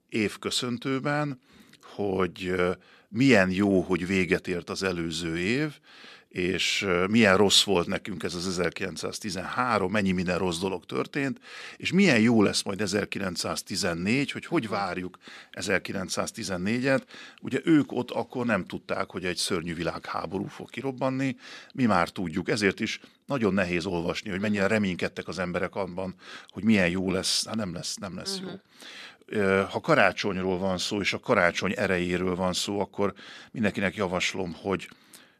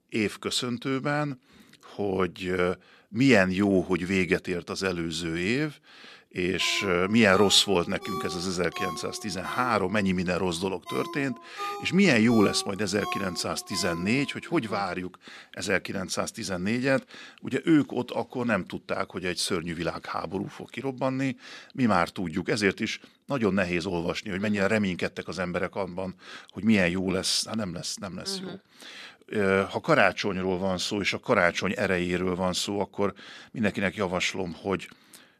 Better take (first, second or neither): first